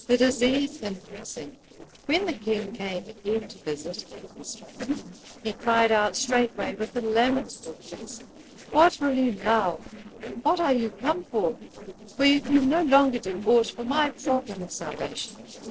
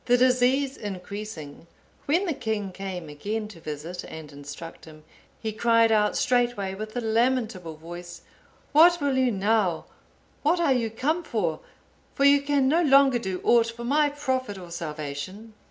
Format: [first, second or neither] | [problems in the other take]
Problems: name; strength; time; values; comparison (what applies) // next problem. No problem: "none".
second | noise reduction (neural separator model SepFormer DNS4)